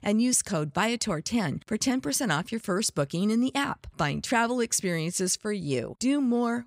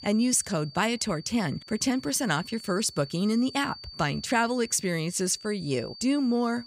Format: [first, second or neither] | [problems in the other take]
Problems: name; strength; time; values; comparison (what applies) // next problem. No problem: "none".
first | high-pitched whine; noticeable; throughout; 4.5 kHz, 15 dB below the speech